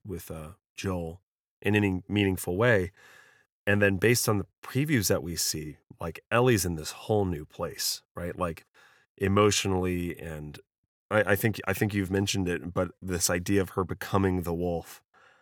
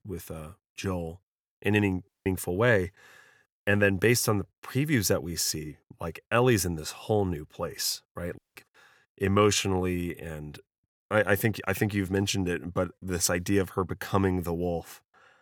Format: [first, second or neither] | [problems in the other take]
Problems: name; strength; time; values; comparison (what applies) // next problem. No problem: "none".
first | audio cutting out; at 2 s and at 8.5 s